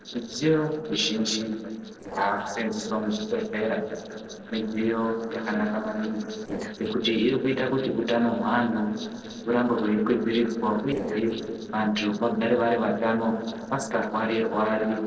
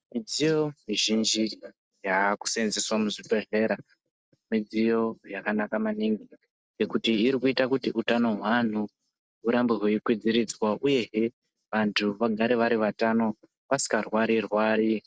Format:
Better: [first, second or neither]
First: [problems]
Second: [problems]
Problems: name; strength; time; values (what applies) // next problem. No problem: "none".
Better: second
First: noise reduction (neural separator model SepFormer DNS4)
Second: none